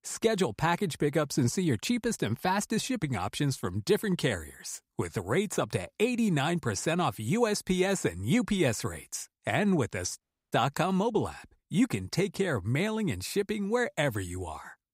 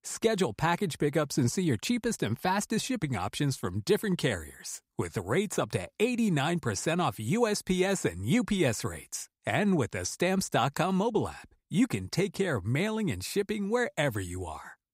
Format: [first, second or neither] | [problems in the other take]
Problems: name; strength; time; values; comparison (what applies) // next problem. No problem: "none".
second | audio cutting out; at 10 s